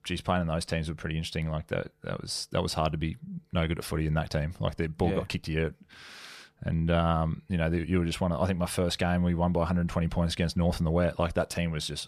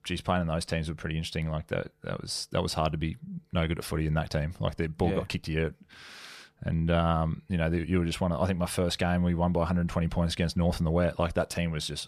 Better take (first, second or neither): neither